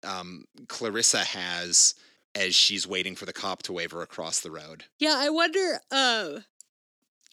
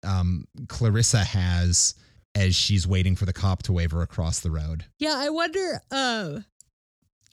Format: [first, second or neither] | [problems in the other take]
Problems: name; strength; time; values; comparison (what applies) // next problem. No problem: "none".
second | thin; very; fading below 300 Hz